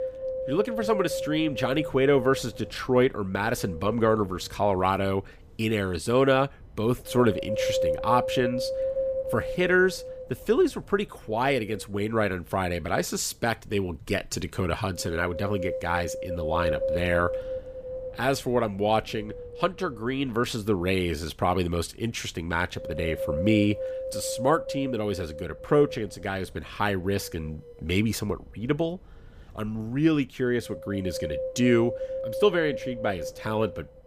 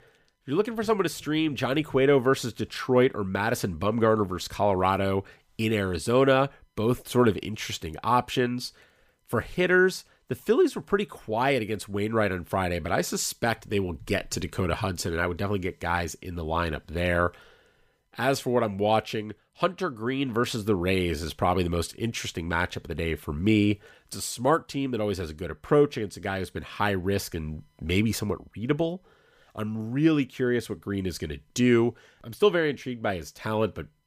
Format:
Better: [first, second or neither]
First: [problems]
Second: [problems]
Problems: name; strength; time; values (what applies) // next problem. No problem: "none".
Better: second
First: wind noise on the microphone; heavy; 5 dB below the speech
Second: none